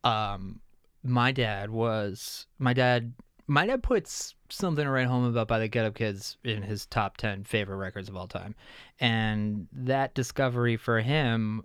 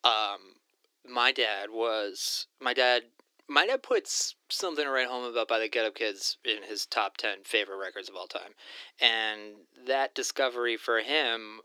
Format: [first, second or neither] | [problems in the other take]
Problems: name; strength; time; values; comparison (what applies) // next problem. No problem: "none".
first | thin; very; fading below 300 Hz